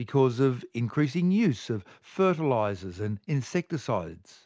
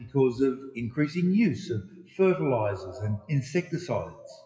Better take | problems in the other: first | noise reduction (classical method WPE with log-MMSE)

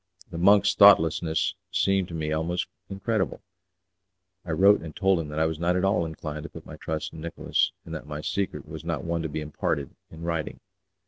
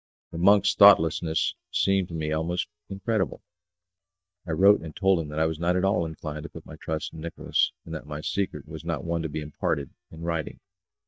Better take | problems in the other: first | noise reduction (neural mask model DeepFilterNet 3)

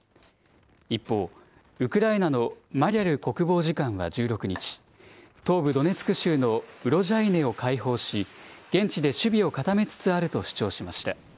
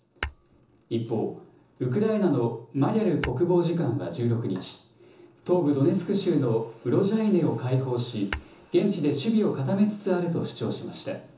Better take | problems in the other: first | background sound (Tap / Hammer / Glass); 18 dB below the speech // room echo; dies away in 0.7 s

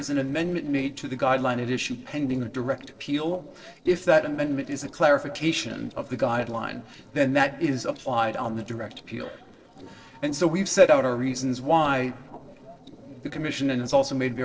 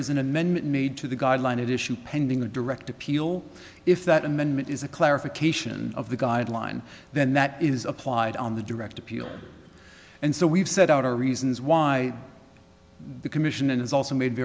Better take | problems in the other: second | noise reduction (neural separator model SepFormer DNS4)

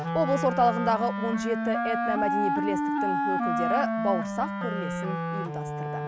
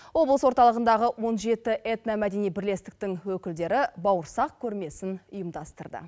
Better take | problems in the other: second | background sound (Wind instrument, woodwind instrument); 1 dB above the speech

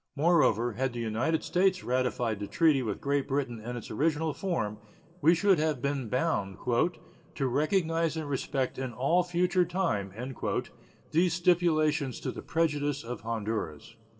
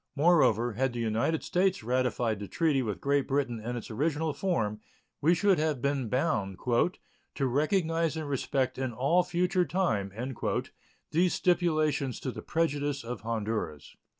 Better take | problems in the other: second | room echo; dies away in 0.4 s

